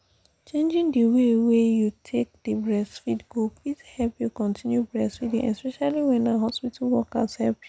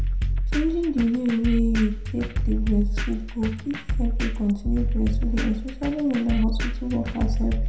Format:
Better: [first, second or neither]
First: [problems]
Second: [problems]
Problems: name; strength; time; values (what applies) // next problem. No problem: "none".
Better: first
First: none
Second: background sound (Drum kit); 1 dB above the speech // room echo; dies away in 0.5 s